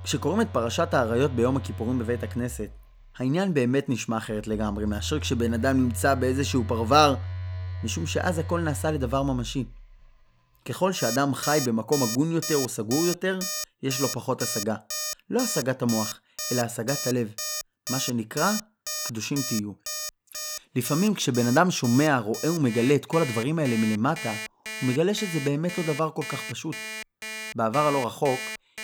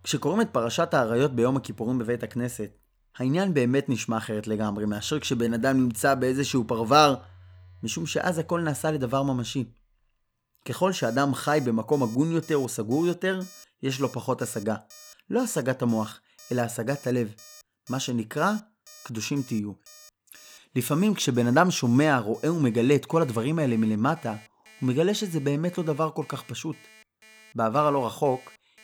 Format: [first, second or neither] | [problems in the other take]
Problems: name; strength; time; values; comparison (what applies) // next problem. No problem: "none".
second | alarms or sirens; loud; throughout; 7 dB below the speech; faint in the second